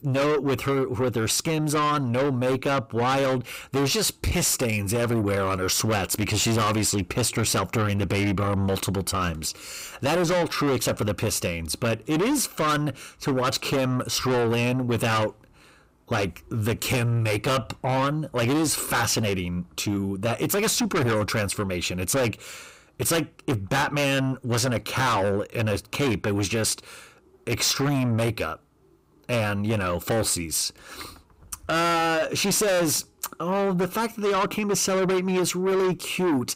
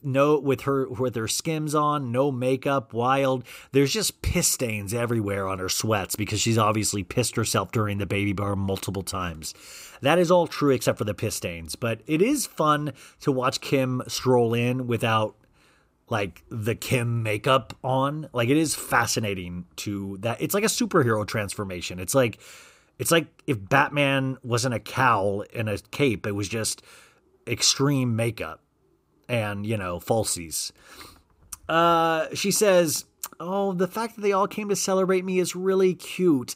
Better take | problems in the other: second | distortion; heavy; 6 dB below the speech

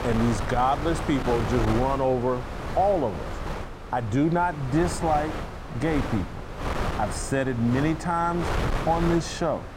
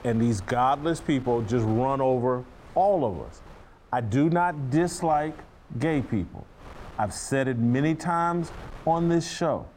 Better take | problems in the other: second | wind noise on the microphone; heavy; 7 dB below the speech; occasional gusts in the second

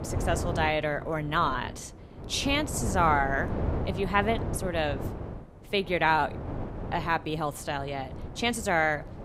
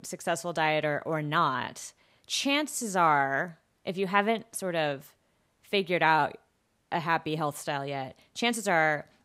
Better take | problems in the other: second | wind noise on the microphone; occasional gusts; 15 dB below the speech

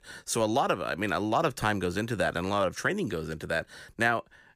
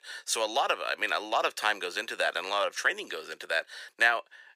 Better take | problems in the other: first | thin; very; fading below 500 Hz

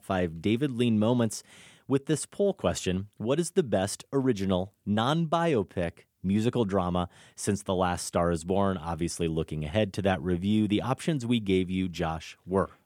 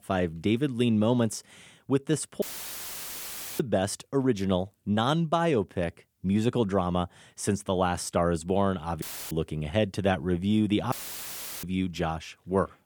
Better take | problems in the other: first | audio cutting out; filled with static; at 2.5 s for 1 s, at 9 s and at 11 s for 0.5 s

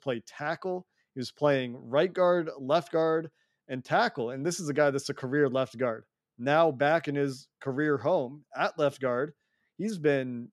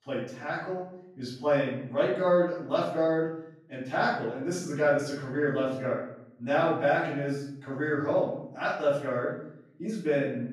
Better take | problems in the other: first | off-mic speech; far // room echo; noticeable; dies away in 0.7 s

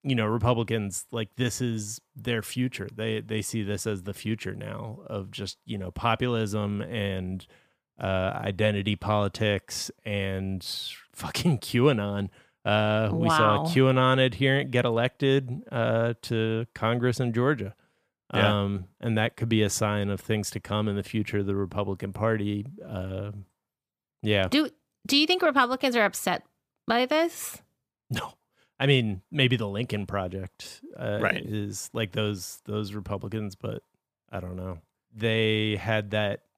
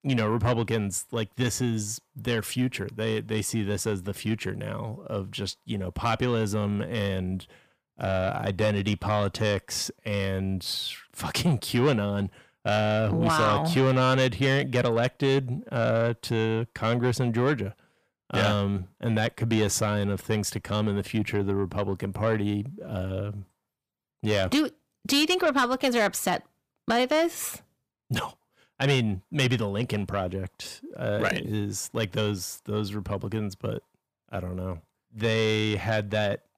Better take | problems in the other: first | distortion; slight; 10 dB below the speech

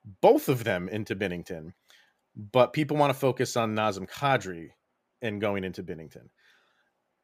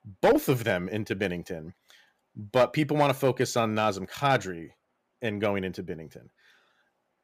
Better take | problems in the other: first | distortion; slight; 1.4% of the sound clipped

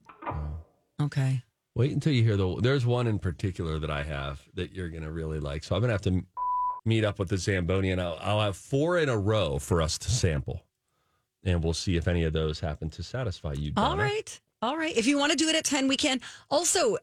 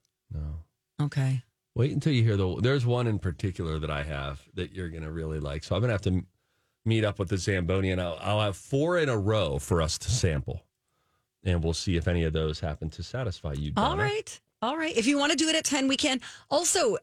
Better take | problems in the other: second | phone ringing; faint; until 2 s; peak 10 dB below the speech // phone ringing; noticeable; at 6.5 s; peak 1 dB below the speech

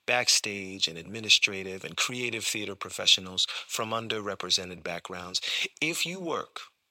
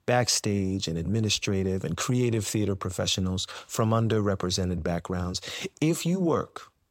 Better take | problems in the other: second | thin; somewhat; fading below 900 Hz

